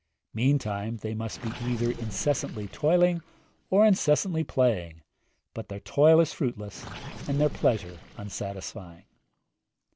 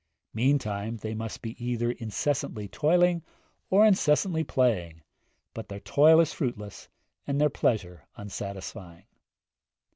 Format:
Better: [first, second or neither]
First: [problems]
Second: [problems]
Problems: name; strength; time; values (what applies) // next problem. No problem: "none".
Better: second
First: background sound (Gurgling); 17 dB below the speech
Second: none